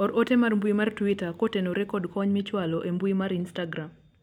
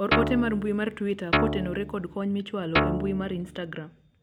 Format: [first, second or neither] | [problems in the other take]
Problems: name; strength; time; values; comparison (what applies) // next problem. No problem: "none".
first | background sound (Guitar); 1 dB above the speech